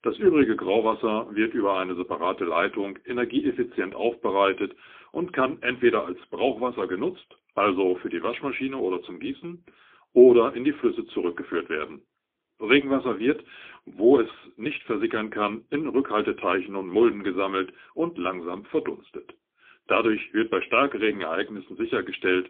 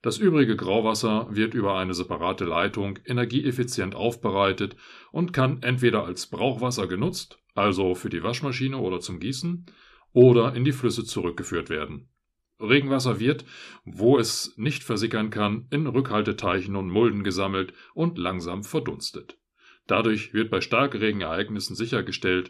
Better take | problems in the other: second | phone-call audio; poor line; nothing above 3.5 kHz

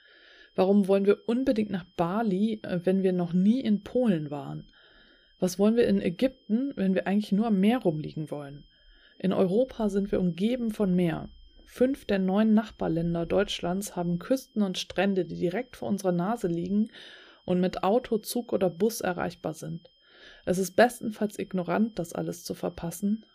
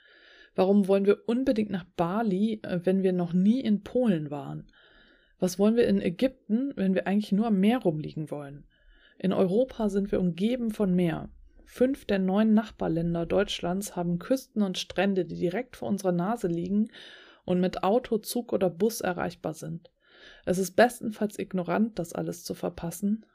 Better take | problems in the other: second | high-pitched whine; faint; throughout; 3 kHz, 35 dB below the speech

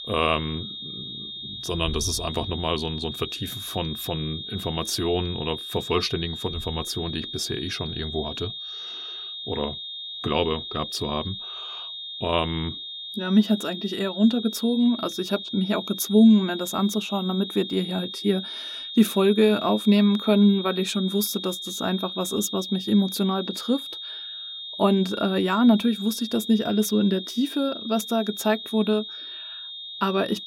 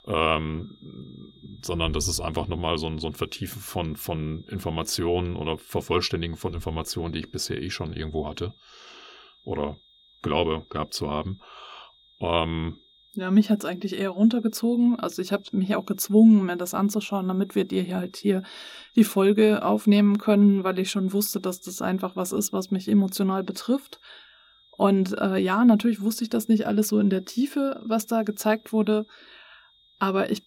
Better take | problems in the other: second | high-pitched whine; loud; throughout; 3.5 kHz, 9 dB below the speech; faint in the second

